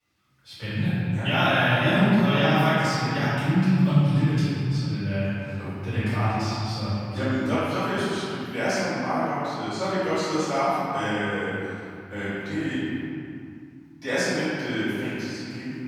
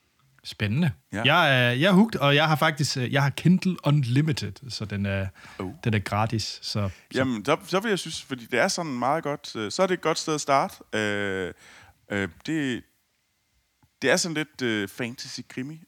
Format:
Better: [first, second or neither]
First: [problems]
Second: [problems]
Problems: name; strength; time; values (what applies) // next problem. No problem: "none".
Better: second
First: room echo; strong; dies away in 2.6 s // off-mic speech; far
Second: none